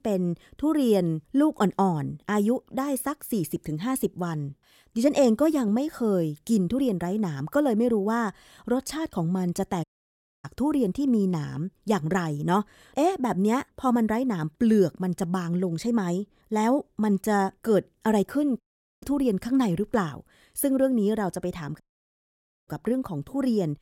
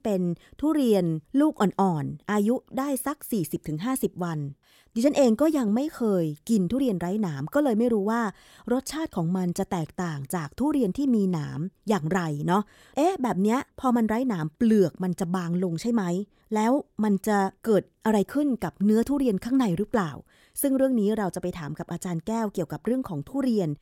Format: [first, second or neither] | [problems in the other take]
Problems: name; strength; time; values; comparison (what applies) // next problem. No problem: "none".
second | audio cutting out; at 10 s for 0.5 s, at 19 s and at 22 s for 1 s